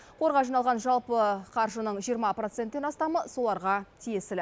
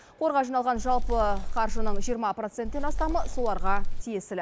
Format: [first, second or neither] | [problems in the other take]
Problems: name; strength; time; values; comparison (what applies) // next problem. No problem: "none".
first | background sound (Wind); 4 dB above the speech